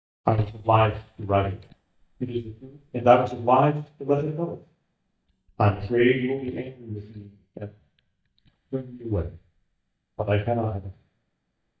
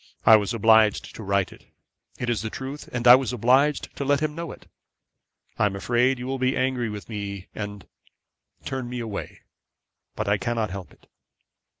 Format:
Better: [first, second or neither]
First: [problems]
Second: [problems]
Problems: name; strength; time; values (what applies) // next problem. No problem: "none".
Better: second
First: noise reduction (neural mask model DeepFilterNet 3)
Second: none